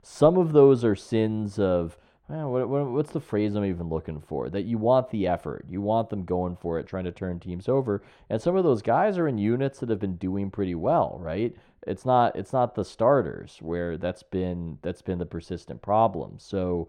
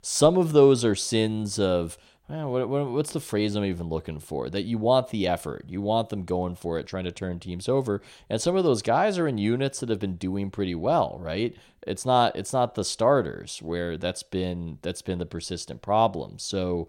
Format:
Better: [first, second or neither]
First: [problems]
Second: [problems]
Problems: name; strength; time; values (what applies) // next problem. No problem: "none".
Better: second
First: muffled; very; fading above 3 kHz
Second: none